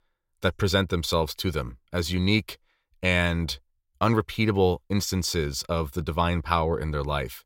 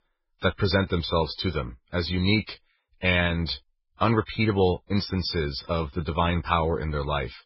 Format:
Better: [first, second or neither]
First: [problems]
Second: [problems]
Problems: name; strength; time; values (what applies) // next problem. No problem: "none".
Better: first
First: none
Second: garbled, watery; badly; nothing above 5.5 kHz